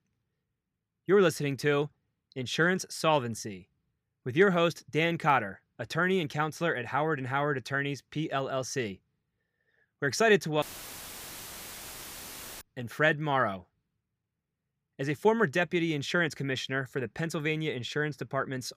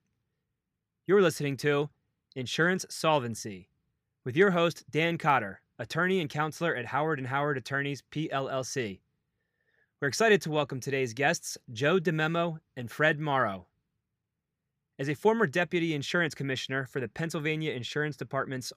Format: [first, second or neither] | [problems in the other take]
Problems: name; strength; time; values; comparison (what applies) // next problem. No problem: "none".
second | audio cutting out; filled with static; at 11 s for 2 s